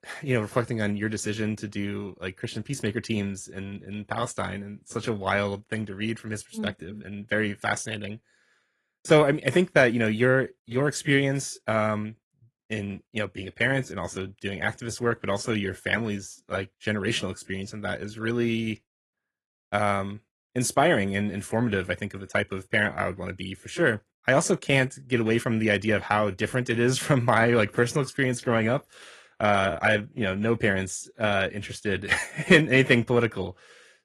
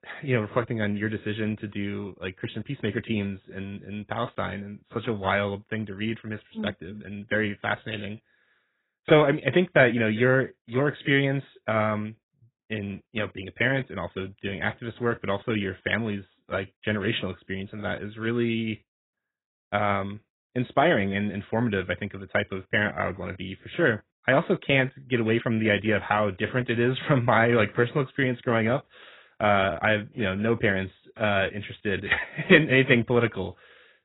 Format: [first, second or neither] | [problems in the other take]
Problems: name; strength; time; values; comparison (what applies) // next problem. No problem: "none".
first | garbled, watery; badly; nothing above 3.5 kHz; slightly in the first